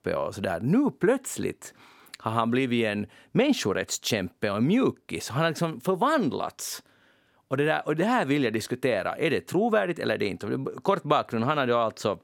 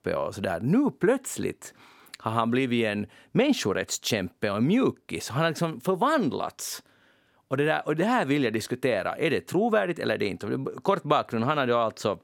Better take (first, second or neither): neither